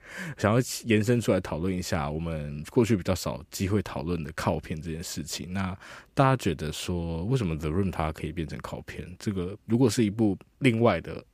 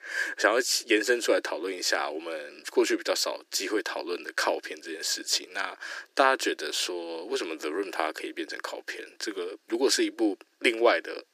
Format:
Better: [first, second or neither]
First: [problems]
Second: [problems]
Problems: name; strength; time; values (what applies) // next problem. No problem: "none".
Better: first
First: none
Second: thin; very; fading below 300 Hz